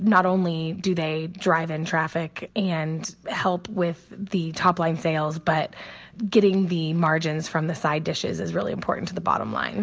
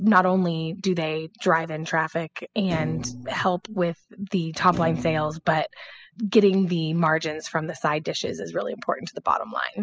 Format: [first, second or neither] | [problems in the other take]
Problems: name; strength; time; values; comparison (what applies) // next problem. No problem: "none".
first | noise reduction (classical method spectral subtraction)